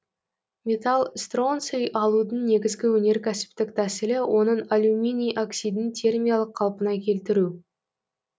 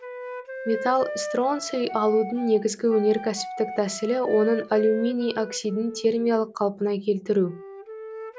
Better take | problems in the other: first | background sound (Wind instrument, woodwind instrument); 12 dB below the speech

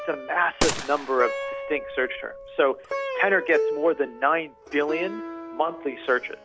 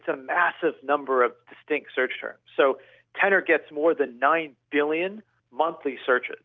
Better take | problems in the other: second | background sound (Gunshot, gunfire + Plucked string instrument); 6 dB below the speech

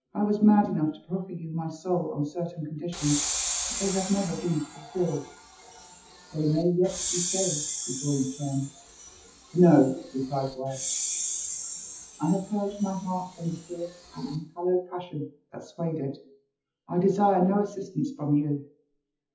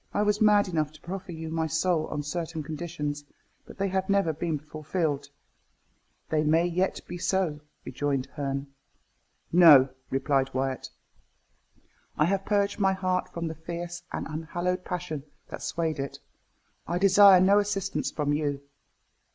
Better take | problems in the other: second | noise reduction (classical method WPE with log-MMSE)

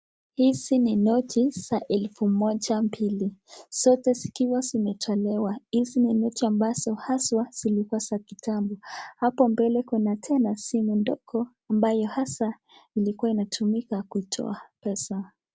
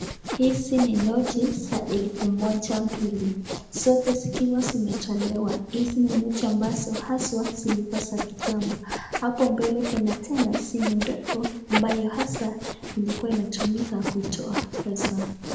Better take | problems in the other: first | background sound (Sawing); 7 dB below the speech // room echo; dies away in 0.8 s

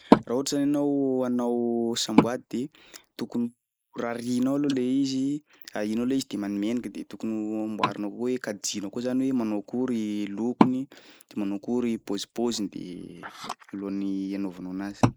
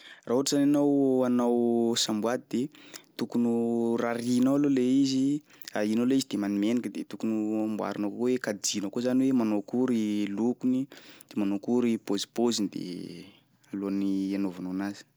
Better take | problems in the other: second | noise reduction (neural mask model Resemble Enhance denoiser)

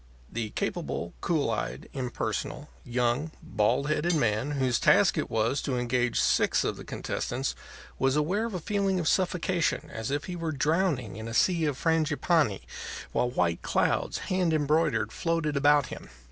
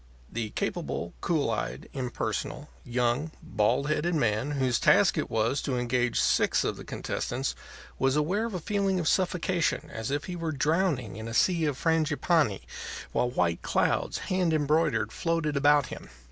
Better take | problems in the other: second | background sound (Cutlery, silverware); 16 dB below the speech

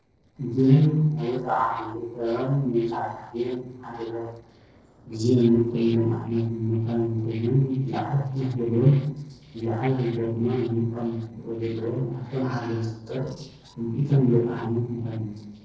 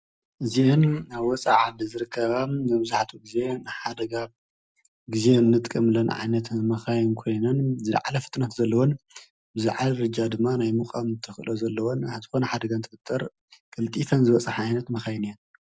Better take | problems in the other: second | noise reduction (neural separator model SepFormer DNS4)

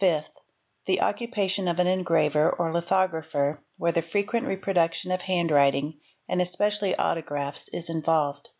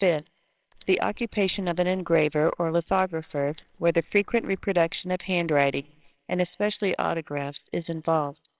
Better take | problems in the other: first | noise reduction (neural separator model SepFormer WHAMR!)

